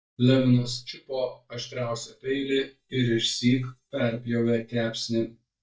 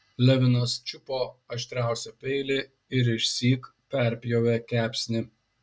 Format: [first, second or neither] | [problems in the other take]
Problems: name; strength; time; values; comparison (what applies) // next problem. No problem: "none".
second | noise reduction (neural mask model DeepFilterNet 3)